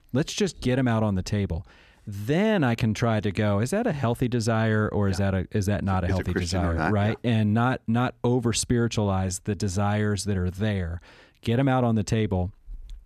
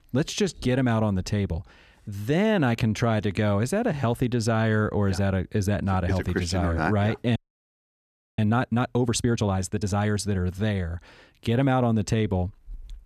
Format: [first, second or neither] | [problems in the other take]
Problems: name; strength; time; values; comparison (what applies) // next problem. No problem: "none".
first | audio freezing; at 7.5 s for 1 s